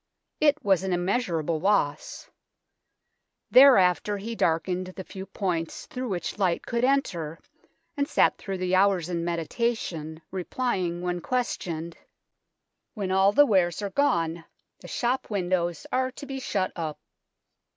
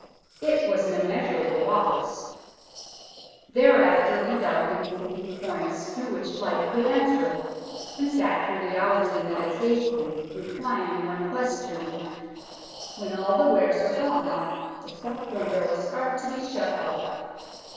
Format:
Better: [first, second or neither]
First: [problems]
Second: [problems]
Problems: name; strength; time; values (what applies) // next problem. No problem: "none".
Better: first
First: none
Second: noise reduction (neural separator model SepFormer DNS4)